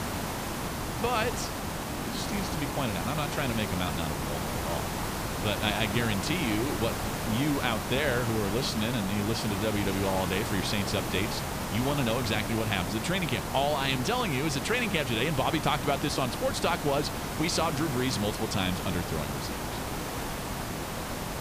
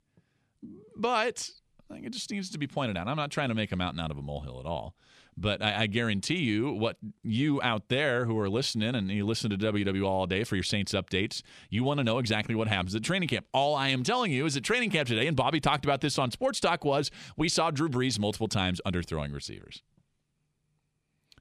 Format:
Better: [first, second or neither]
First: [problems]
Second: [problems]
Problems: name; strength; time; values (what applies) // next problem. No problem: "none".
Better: second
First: hiss; loud; throughout; 3 dB below the speech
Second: none